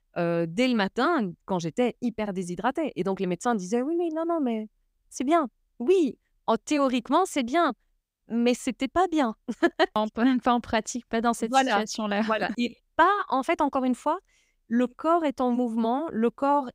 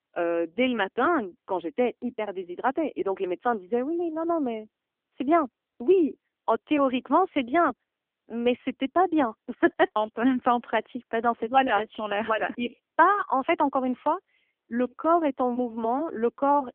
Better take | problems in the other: first | phone-call audio; nothing above 3.5 kHz

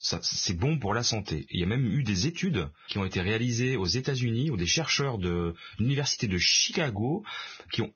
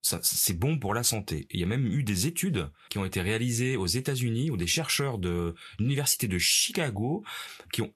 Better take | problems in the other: second | garbled, watery; badly; nothing above 6.5 kHz; slightly in the second

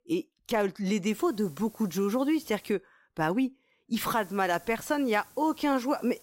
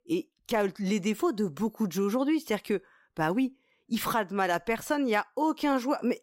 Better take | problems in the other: second | hiss; faint; from 1 to 2.5 s and from 4 s on; 25 dB below the speech

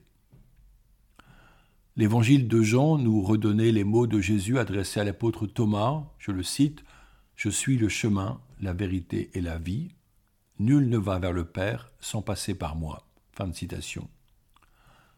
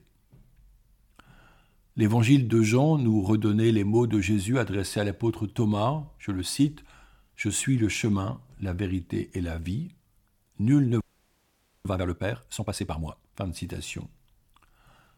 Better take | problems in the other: first | audio freezing; at 11 s for 1 s

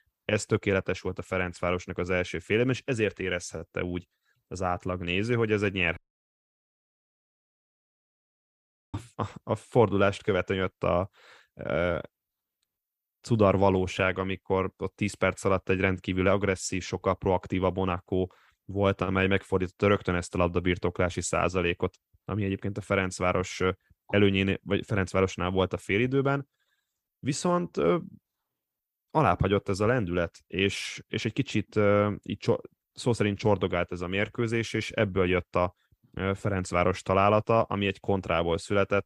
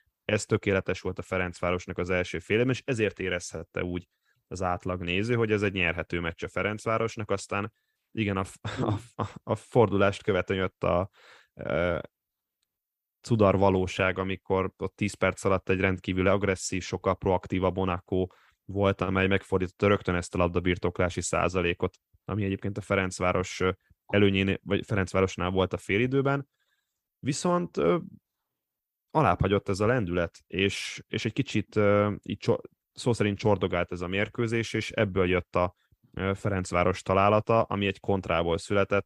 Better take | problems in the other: second | audio cutting out; at 6 s for 3 s

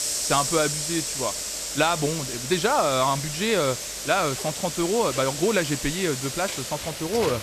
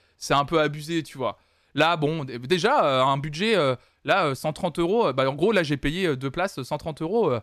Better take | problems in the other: second | hiss; loud; throughout; 3 dB below the speech

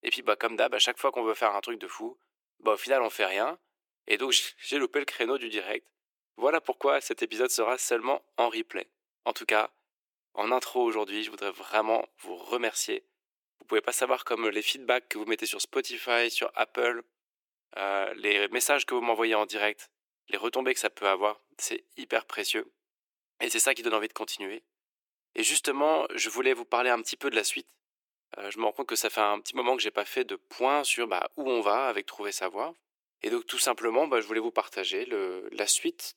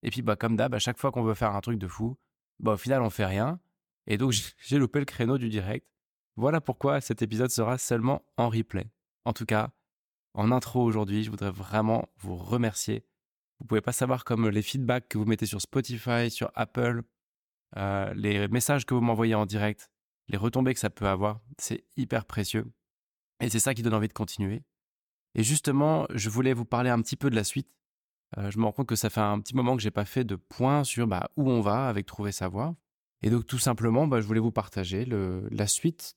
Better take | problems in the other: second | thin; very; fading below 350 Hz

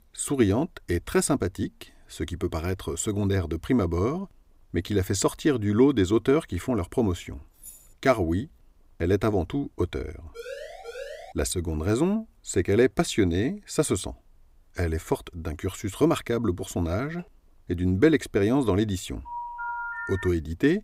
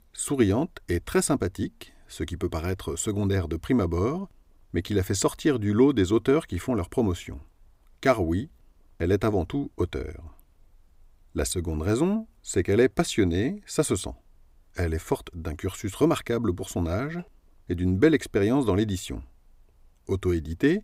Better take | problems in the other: second | jangling keys; faint; at 7.5 s; peak 20 dB below the speech // siren; faint; at 10 s; peak 10 dB below the speech // phone ringing; noticeable; from 19 to 20 s; peak 6 dB below the speech

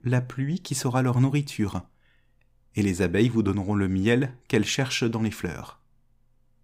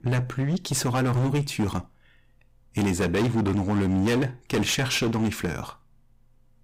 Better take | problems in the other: first | distortion; heavy; 20% of the sound clipped

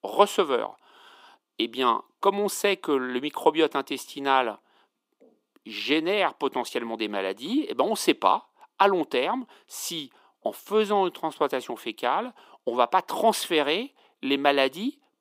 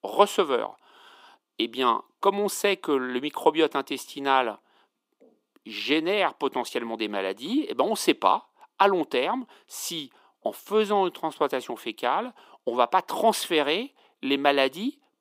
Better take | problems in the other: neither | thin; somewhat; fading below 250 Hz; the same in both

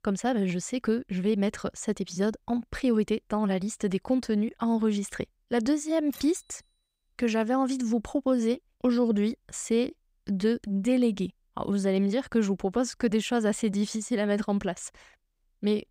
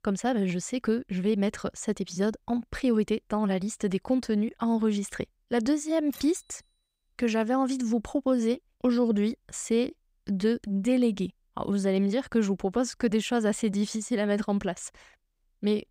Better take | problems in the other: neither | none

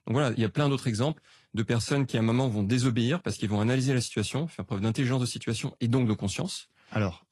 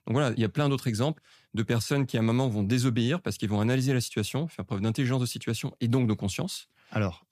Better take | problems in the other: second | garbled, watery; slightly

